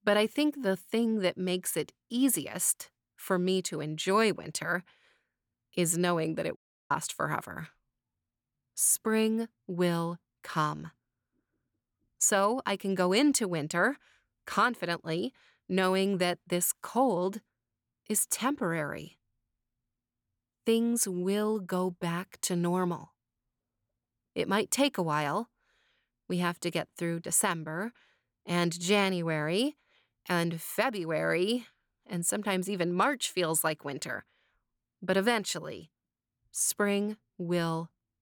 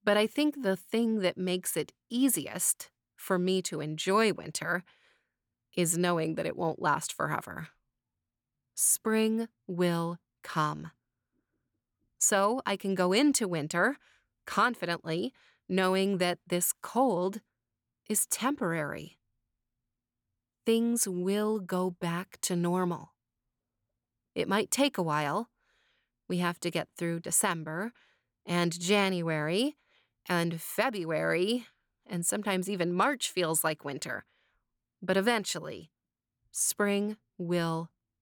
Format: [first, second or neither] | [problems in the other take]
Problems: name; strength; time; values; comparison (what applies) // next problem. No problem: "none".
second | audio cutting out; at 6.5 s